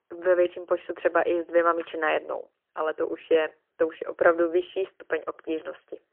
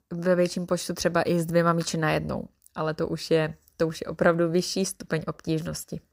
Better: second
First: phone-call audio; poor line; nothing above 3 kHz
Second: none

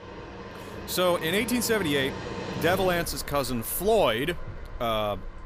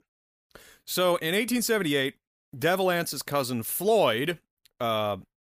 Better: second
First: train or aircraft noise; noticeable; throughout; 10 dB below the speech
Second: none

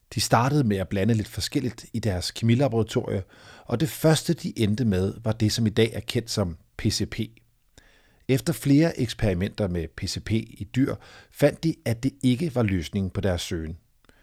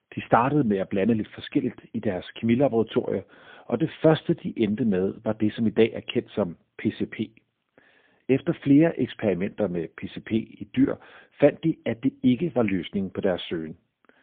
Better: first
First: none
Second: phone-call audio; poor line; nothing above 3.5 kHz

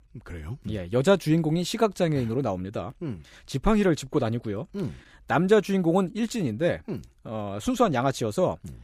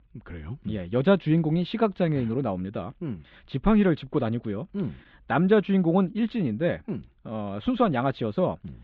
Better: first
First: none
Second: muffled; very; fading above 3.5 kHz

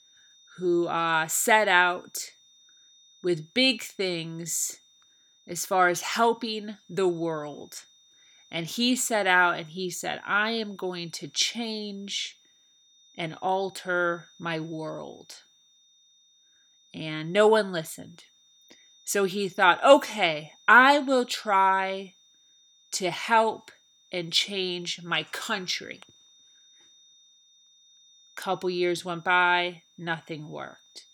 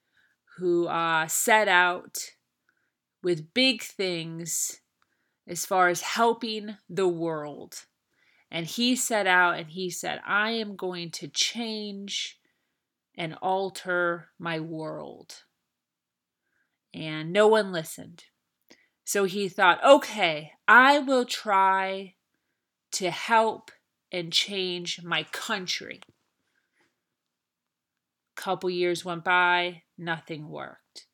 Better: second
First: high-pitched whine; faint; throughout; 3.5 kHz, 30 dB below the speech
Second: none

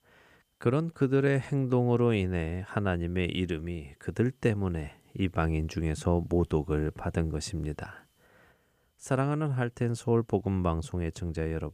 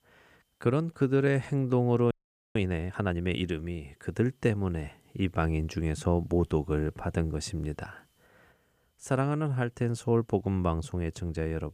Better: first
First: none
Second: audio freezing; at 2 s

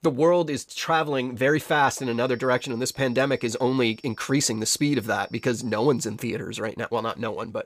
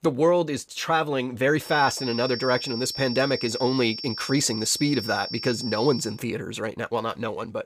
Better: first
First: high-pitched whine; faint; from 1.5 to 6 s; 5.5 kHz, 30 dB below the speech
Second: high-pitched whine; loud; from 1.5 to 6 s; 5.5 kHz, 7 dB below the speech

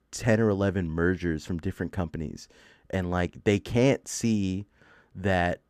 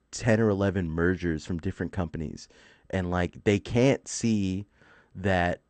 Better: first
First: none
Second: garbled, watery; slightly; nothing above 8.5 kHz

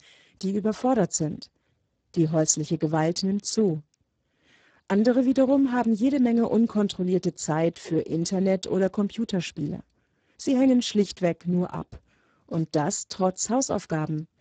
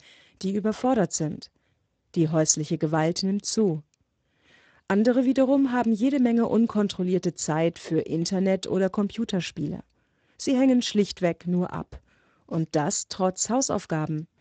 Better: second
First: garbled, watery; badly; nothing above 7.5 kHz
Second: garbled, watery; slightly; nothing above 7.5 kHz

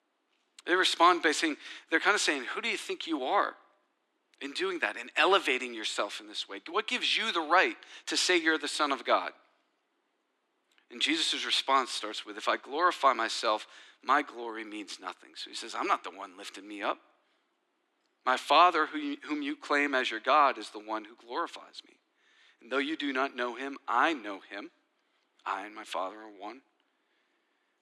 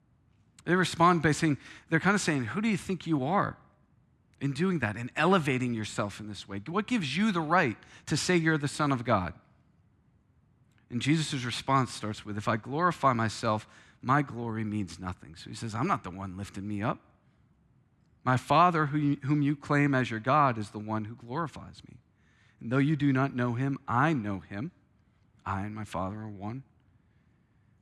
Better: second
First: thin; somewhat; fading below 300 Hz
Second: none

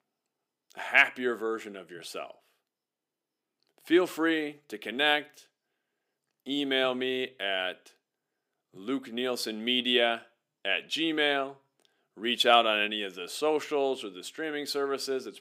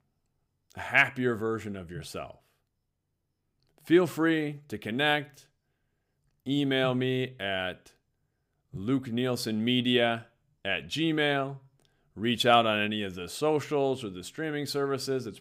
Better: second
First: thin; very slightly; fading below 300 Hz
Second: none

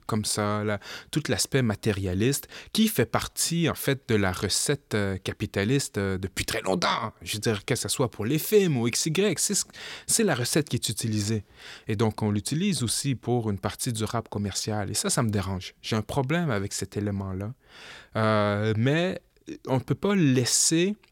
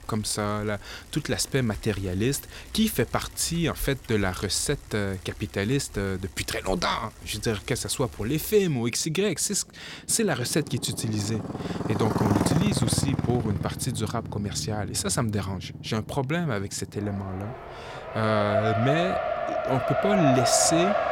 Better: first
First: none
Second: traffic noise; loud; throughout; 2 dB below the speech

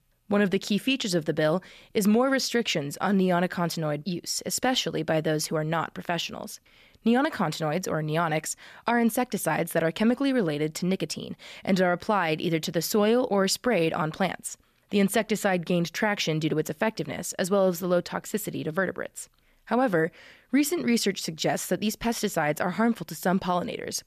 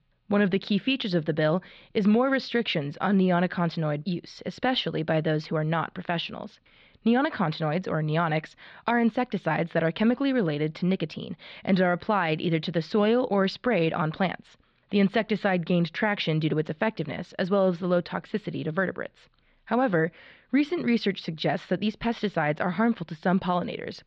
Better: first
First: none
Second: muffled; slightly; fading above 4 kHz

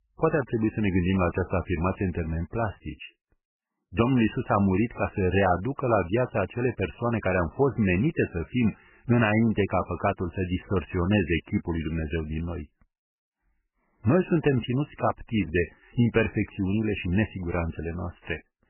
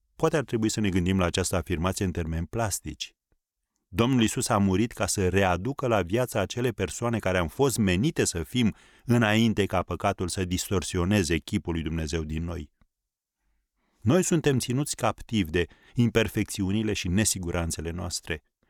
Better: second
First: garbled, watery; badly; nothing above 3 kHz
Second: none

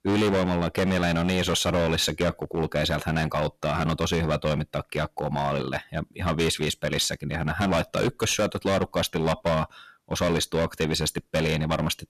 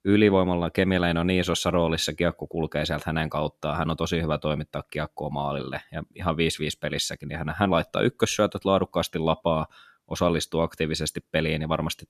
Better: second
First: distortion; heavy; 15% of the sound clipped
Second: none

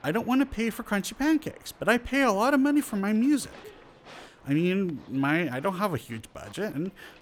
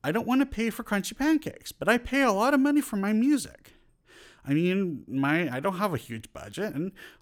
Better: second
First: animal sounds; faint; throughout; 25 dB below the speech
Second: none

